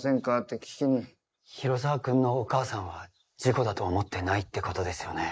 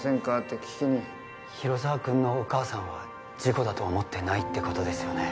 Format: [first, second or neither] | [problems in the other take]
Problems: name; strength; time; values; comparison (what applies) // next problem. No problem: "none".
second | noise reduction (neural mask model Resemble Enhance denoiser)